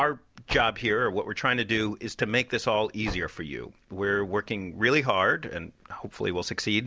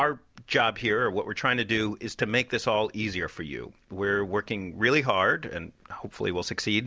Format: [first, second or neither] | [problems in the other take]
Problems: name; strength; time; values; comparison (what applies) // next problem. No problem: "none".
second | background sound (Car); 16 dB below the speech